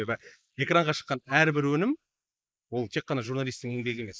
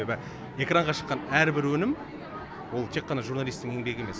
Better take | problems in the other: second | noise reduction (neural mask model Resemble Enhance denoiser)

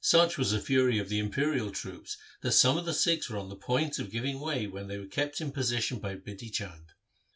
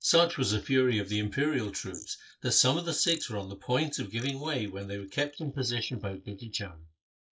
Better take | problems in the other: first | noise reduction (neural mask model Resemble Enhance denoiser)

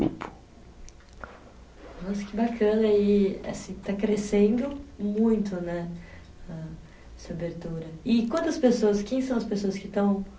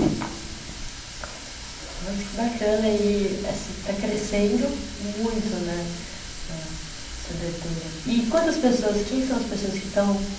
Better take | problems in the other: first | background sound (Water tap, faucet); 12 dB below the speech // room echo; dies away in 1.9 s

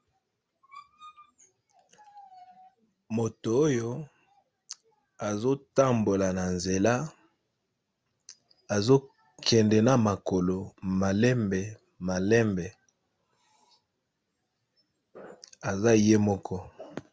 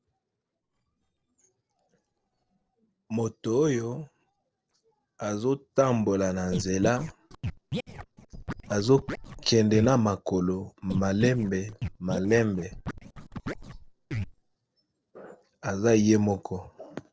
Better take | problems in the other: first | noise reduction (neural separator model SepFormer DNS4)

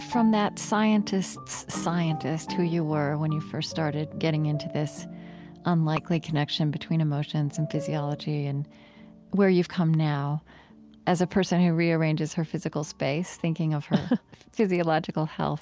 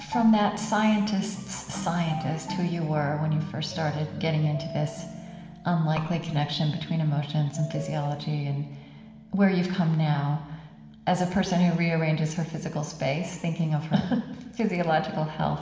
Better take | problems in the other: first | room echo; dies away in 1.2 s

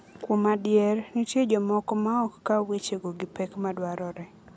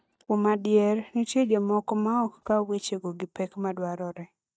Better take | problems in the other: first | noise reduction (neural mask model DeepFilterNet 3)

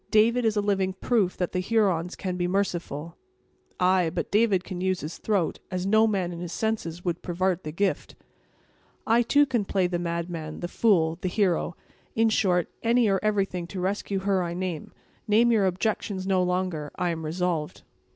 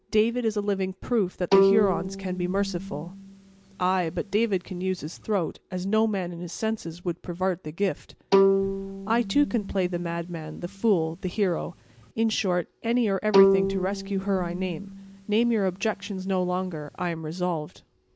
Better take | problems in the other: first | background sound (Bowed string instrument); 1 dB below the speech

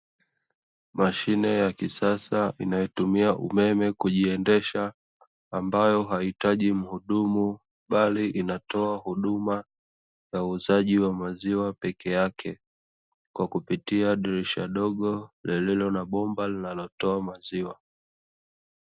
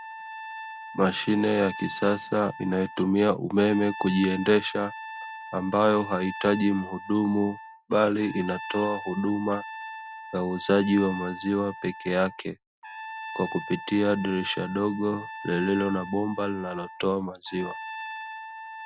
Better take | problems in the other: first | background sound (Trumpet); 13 dB below the speech

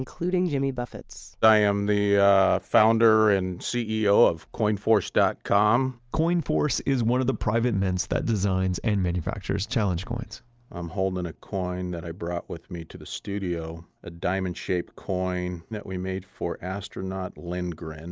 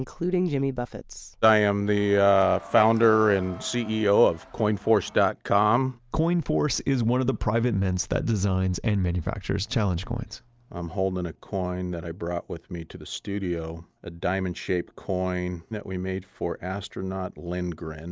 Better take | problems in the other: first | background sound (Crowd); 19 dB below the speech

